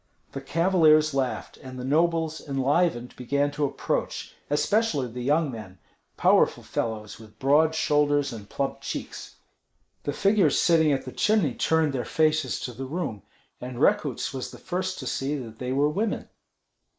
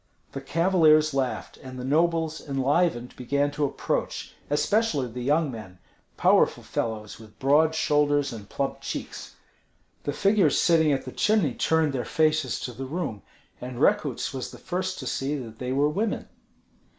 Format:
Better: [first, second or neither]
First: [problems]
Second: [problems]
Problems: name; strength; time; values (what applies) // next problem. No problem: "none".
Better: second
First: noise reduction (neural mask model Resemble Enhance denoiser)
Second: none